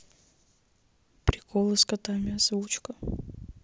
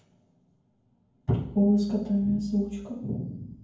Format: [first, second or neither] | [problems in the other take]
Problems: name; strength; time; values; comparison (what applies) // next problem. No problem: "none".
first | room echo; dies away in 0.9 s